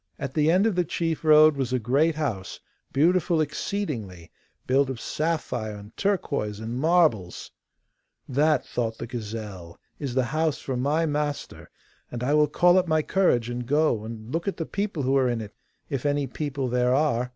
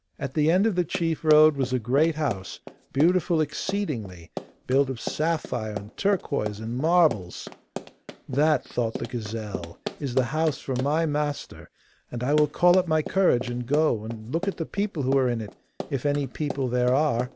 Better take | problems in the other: first | background sound (Run); 14 dB below the speech

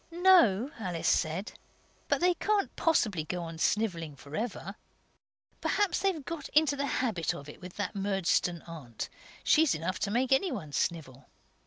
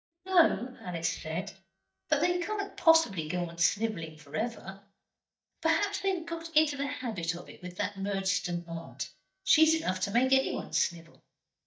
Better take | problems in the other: first | noise reduction (neural mask model DeepFilterNet 3)

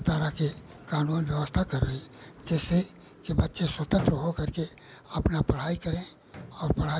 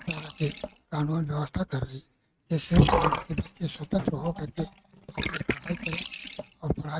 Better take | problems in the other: first | noise reduction (neural mask model RNNoise)

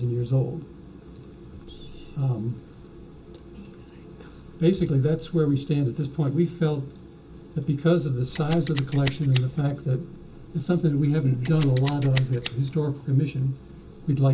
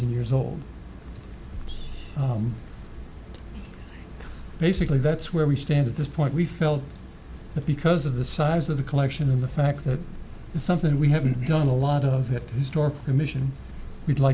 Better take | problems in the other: second | background sound (Scissors); 12 dB below the speech // room echo; dies away in 0.2 s

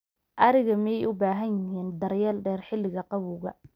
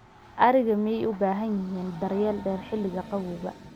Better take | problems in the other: first | background sound (Train); 18 dB below the speech

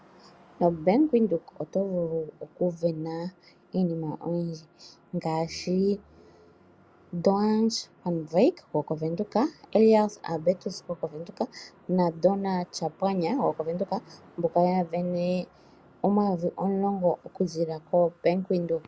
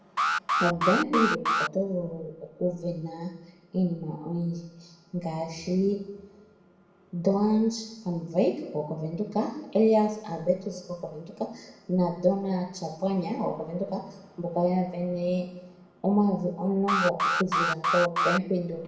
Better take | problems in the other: first | background sound (Alarm); 1 dB above the speech // room echo; dies away in 0.8 s

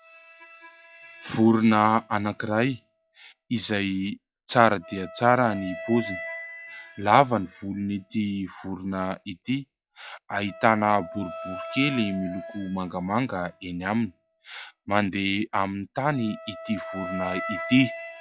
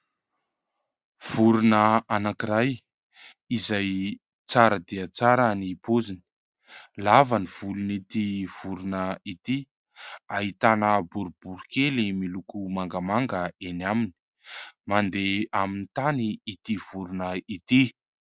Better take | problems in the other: second | noise reduction (classical method log-MMSE)

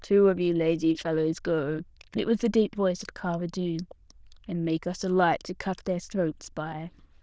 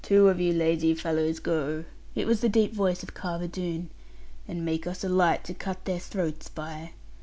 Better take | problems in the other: second | noise reduction (neural diffusion model UNIVERSE++)

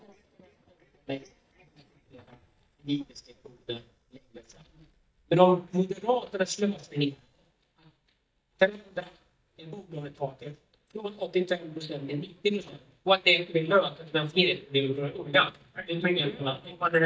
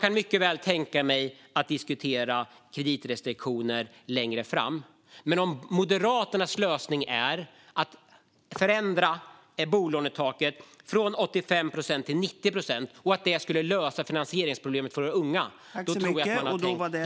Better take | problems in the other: second | noise reduction (neural mask model DeepFilterNet 3)

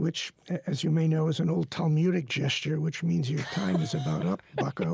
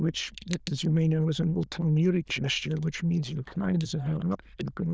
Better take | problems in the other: first | noise reduction (neural diffusion model UNIVERSE++)

